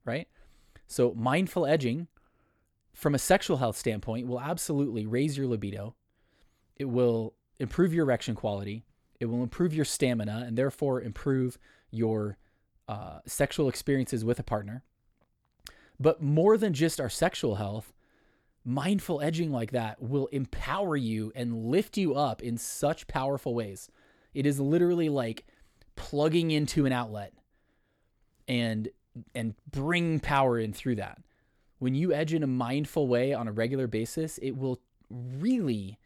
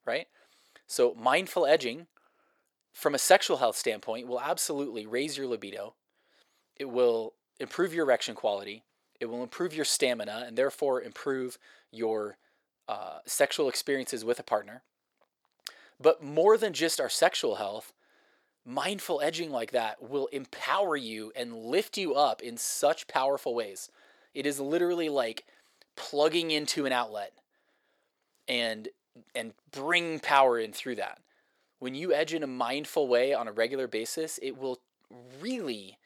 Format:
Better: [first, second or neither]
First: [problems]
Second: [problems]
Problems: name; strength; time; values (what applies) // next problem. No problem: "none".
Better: first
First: none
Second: thin; somewhat; fading below 550 Hz